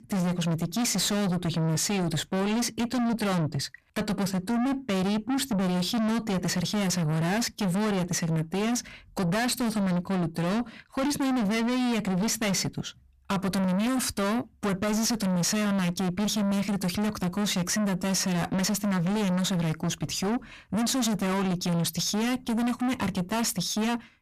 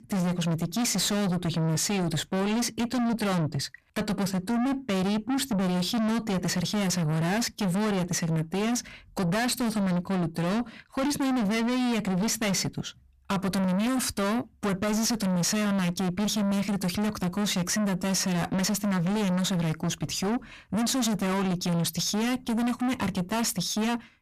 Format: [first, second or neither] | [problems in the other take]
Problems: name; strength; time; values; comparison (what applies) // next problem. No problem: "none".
neither | distortion; heavy; 6 dB below the speech; the same in both